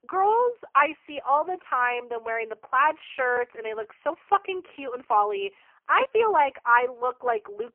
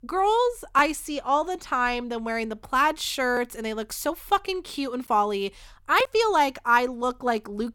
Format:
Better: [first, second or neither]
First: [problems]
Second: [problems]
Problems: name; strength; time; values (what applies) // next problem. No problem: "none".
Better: second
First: phone-call audio; poor line; nothing above 3 kHz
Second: none